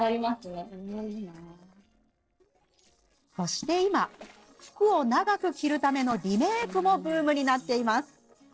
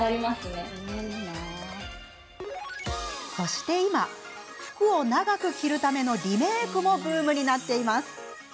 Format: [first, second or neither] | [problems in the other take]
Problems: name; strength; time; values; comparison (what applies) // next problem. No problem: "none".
second | noise reduction (neural separator model SepFormer DNS4)